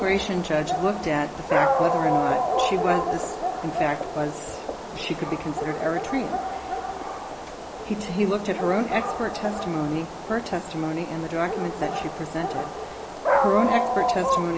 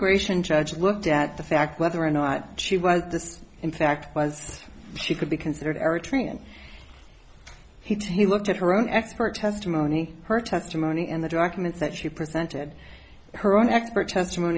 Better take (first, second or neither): second